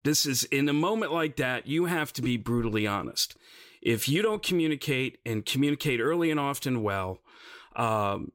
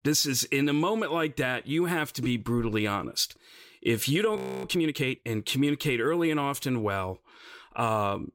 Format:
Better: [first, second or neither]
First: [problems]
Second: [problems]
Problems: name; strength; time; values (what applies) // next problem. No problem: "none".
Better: first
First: none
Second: audio freezing; at 4.5 s